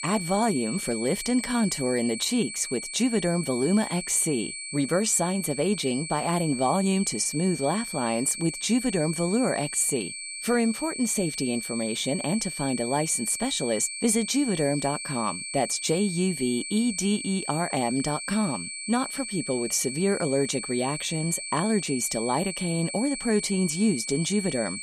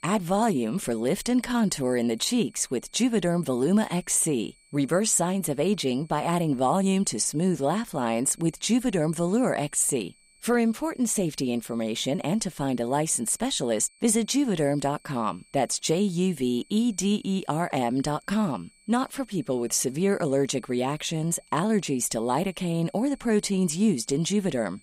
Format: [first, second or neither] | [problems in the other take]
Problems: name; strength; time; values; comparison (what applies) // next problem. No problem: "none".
second | high-pitched whine; loud; throughout; 2.5 kHz, 7 dB below the speech; faint in the second